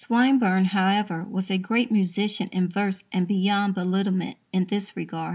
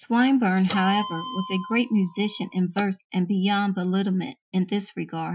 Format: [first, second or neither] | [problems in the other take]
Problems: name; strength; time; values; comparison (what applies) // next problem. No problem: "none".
first | noise reduction (classical method Wiener filter)